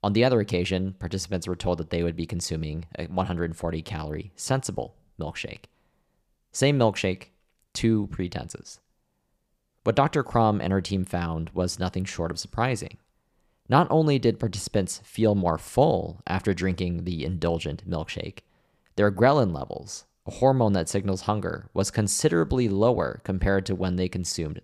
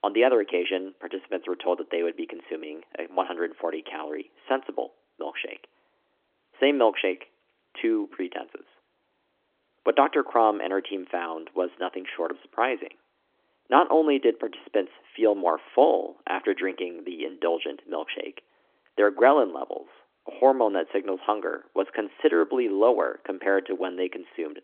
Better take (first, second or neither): first